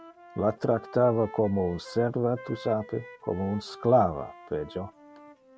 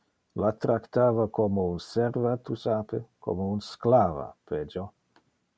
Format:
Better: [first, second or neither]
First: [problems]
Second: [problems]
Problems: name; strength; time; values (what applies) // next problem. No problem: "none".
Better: second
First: background sound (Wind instrument, woodwind instrument); 19 dB below the speech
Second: none